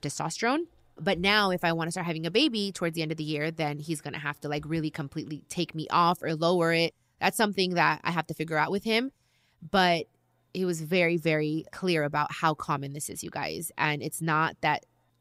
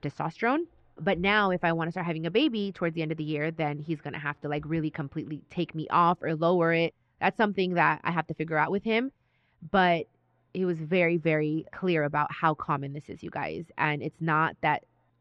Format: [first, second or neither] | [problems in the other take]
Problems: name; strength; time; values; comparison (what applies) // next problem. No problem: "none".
first | muffled; very; fading above 2.5 kHz